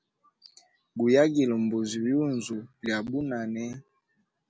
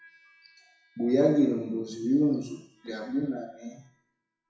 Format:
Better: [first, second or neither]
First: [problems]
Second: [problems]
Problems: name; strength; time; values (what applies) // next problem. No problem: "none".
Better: first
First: none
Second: noise reduction (classical method WPE with log-MMSE)